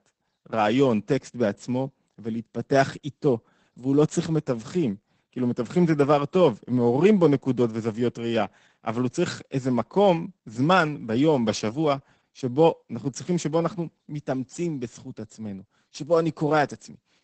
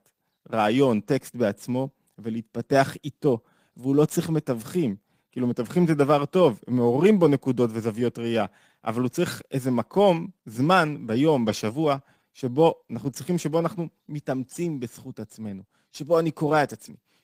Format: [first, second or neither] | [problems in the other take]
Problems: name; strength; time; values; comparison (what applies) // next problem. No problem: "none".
second | garbled, watery; badly; nothing above 8 kHz; slightly in the second